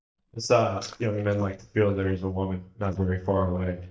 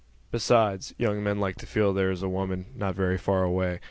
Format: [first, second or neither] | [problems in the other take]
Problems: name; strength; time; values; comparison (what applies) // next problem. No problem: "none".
second | noise reduction (neural mask model DeepFilterNet 3)